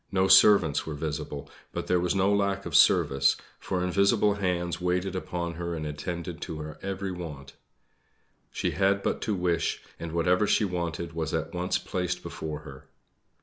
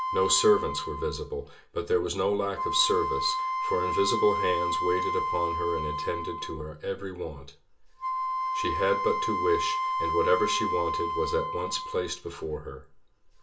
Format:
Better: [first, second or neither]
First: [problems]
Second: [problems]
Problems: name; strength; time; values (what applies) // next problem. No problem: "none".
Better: first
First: none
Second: background sound (Wind instrument, woodwind instrument); 2 dB below the speech // room echo; dies away in 0.2 s